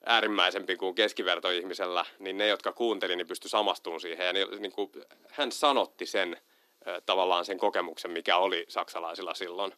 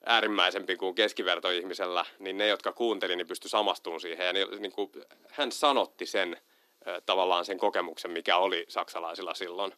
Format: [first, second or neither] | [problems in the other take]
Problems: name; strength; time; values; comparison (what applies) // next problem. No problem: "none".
neither | thin; somewhat; fading below 300 Hz; the same in both